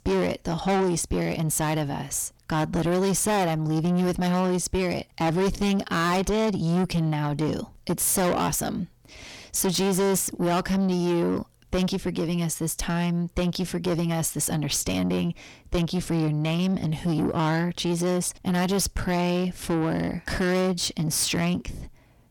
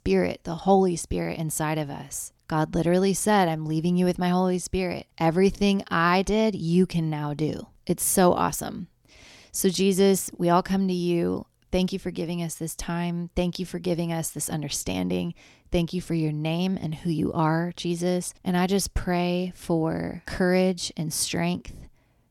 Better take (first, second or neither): second